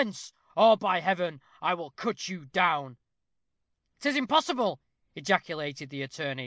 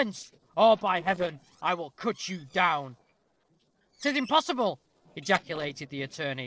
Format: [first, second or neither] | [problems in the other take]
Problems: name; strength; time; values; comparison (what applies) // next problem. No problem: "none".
first | noise reduction (neural separator model SepFormer DNS4)